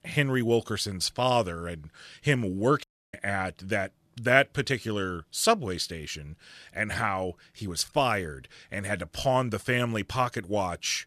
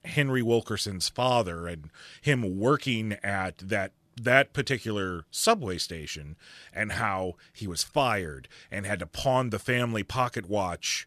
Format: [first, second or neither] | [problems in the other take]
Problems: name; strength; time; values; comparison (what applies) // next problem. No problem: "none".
second | audio cutting out; at 3 s